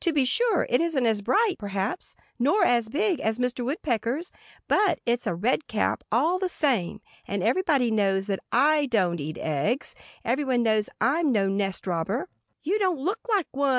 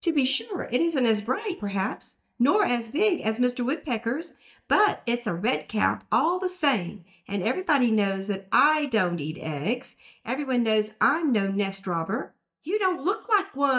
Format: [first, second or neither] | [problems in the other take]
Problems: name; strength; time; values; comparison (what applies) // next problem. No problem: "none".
first | noise reduction (neural mask model DeepFilterNet 3)